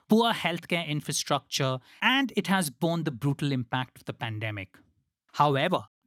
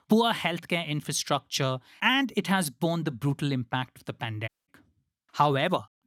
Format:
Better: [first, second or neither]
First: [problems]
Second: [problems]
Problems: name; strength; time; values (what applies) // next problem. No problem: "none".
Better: first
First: none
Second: audio cutting out; at 4.5 s